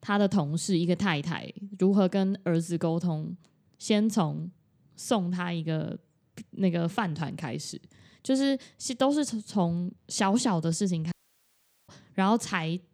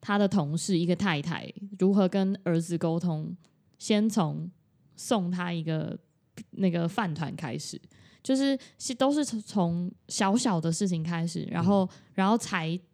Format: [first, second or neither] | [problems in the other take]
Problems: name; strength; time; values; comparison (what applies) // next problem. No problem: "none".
second | audio cutting out; at 11 s for 1 s